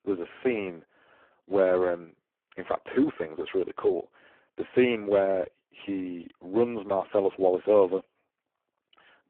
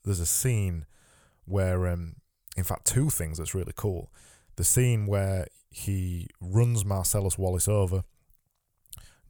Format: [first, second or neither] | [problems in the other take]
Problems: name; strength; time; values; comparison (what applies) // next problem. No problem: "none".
second | phone-call audio; poor line